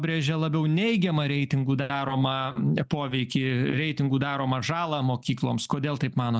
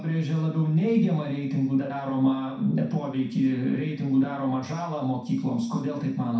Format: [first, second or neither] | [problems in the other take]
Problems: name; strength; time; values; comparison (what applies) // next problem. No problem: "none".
first | room echo; dies away in 0.6 s